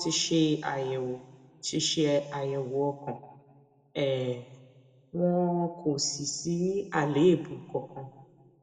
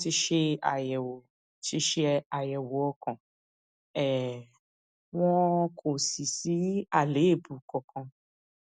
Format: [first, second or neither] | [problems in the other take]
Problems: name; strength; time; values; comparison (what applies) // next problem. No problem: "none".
second | room echo; dies away in 1 s